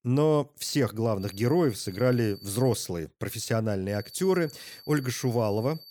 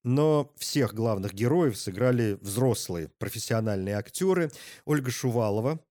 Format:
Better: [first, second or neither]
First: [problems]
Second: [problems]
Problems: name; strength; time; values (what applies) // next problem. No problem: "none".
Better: second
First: high-pitched whine; noticeable; from 1 to 3 s and from 4 s on; 4.5 kHz, 20 dB below the speech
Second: none